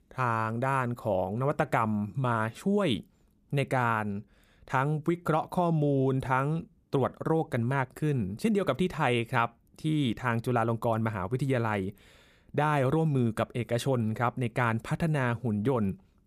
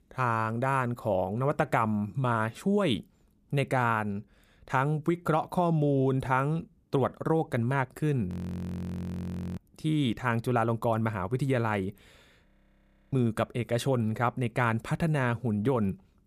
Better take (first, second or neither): first